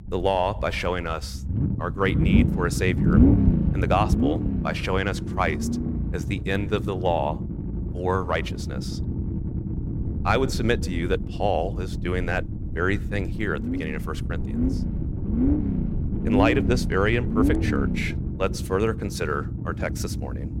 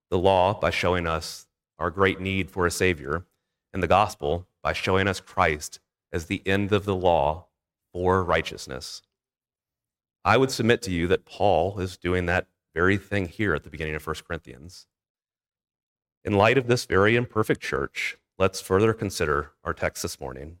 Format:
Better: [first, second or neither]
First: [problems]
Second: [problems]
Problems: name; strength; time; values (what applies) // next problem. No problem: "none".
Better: second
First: low rumble; loud; throughout; 7 dB below the speech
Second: none